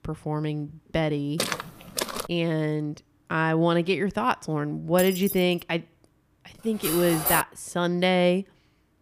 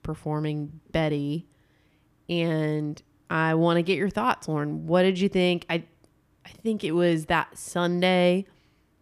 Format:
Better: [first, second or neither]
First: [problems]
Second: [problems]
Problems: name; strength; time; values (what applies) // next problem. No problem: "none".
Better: second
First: footsteps; noticeable; at 1.5 s; peak 3 dB below the speech // jangling keys; noticeable; at 5 s; peak 6 dB below the speech // clattering dishes; loud; at 7 s; peak 1 dB above the speech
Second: none